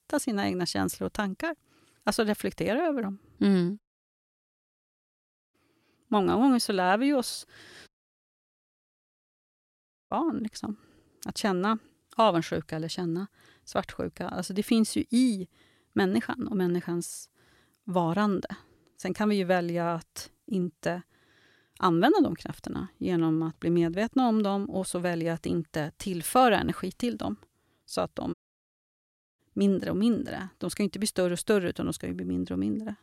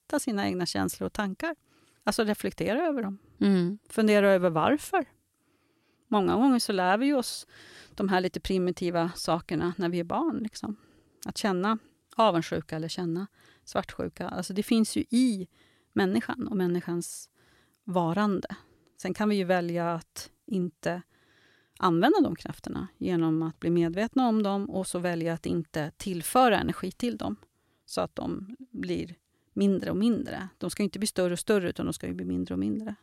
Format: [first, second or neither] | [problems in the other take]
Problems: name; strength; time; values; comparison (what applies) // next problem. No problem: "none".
second | audio cutting out; at 4 s for 1.5 s, at 8 s for 2 s and at 28 s for 1 s